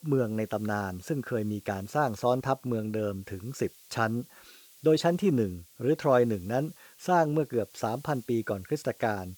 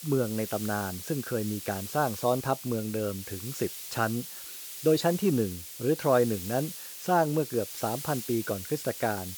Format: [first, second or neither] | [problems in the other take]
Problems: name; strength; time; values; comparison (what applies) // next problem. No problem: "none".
first | hiss; loud; throughout; 9 dB below the speech; faint in the first